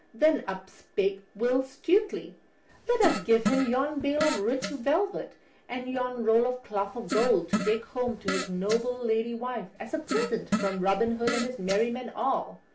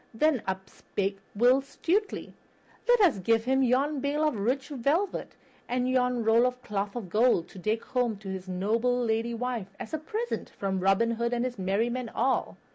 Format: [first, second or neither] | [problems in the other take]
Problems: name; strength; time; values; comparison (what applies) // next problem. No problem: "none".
second | background sound (Fart); 6 dB below the speech // room echo; dies away in 0.3 s